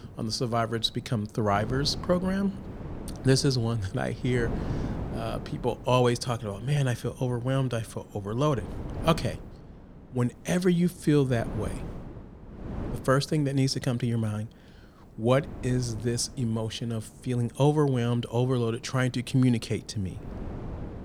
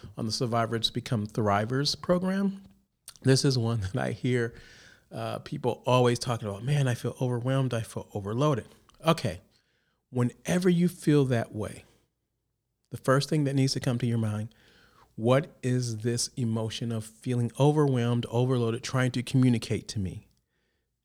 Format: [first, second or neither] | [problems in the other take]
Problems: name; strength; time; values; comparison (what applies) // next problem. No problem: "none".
second | wind noise on the microphone; occasional gusts; 15 dB below the speech